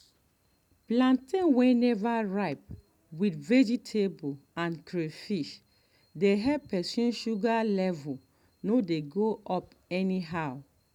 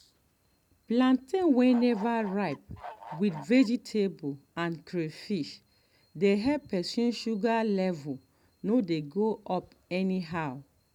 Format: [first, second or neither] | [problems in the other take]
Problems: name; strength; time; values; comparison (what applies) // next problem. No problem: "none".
first | background sound (Bird / Fowl); 16 dB below the speech